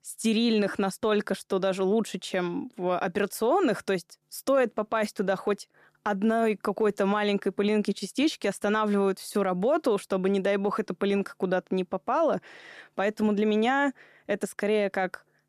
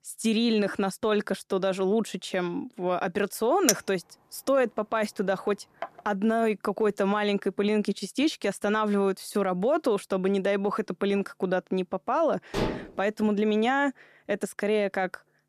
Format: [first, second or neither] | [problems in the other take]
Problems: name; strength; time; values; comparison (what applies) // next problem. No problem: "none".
first | clattering dishes; loud; from 3.5 to 6 s; peak 1 dB above the speech // clattering dishes; noticeable; at 13 s; peak 3 dB below the speech